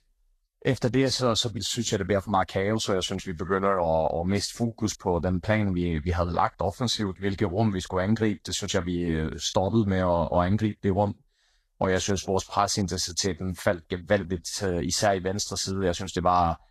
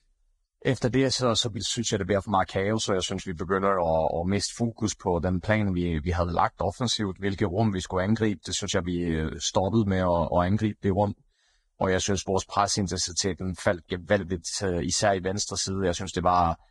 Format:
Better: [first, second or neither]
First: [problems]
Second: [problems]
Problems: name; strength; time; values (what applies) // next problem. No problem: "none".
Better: first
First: garbled, watery; slightly; nothing above 13 kHz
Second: garbled, watery; badly